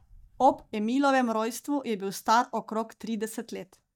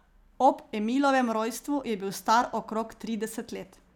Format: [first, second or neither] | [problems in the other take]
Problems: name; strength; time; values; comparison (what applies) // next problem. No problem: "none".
second | noise reduction (neural mask model DeepFilterNet 3)